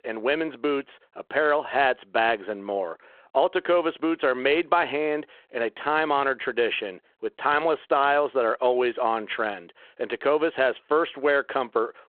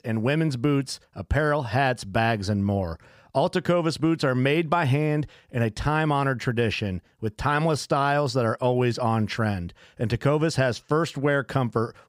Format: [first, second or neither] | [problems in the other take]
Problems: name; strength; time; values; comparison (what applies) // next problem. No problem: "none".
second | phone-call audio